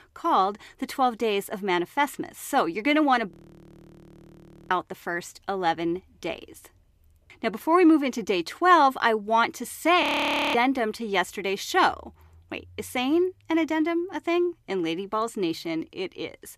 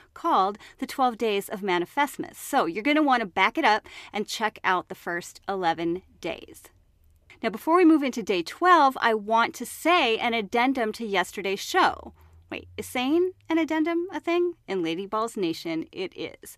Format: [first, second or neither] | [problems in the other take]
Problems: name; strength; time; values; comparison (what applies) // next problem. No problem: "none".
second | audio freezing; at 3.5 s for 1.5 s and at 10 s for 0.5 s